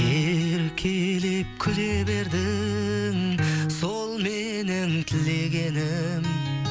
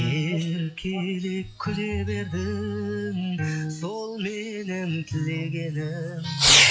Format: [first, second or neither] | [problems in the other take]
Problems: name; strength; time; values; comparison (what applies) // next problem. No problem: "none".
first | noise reduction (classical method log-MMSE)